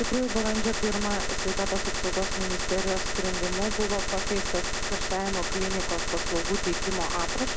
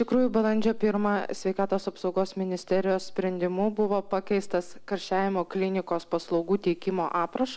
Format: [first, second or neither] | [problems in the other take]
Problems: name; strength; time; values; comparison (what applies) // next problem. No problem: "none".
second | background sound (Gunshot, gunfire); 2 dB above the speech